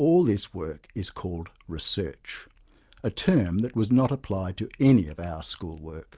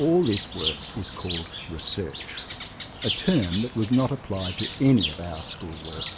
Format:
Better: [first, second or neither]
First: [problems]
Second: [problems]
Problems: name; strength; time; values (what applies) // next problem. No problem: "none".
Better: first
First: none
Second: background sound (Bird); 8 dB below the speech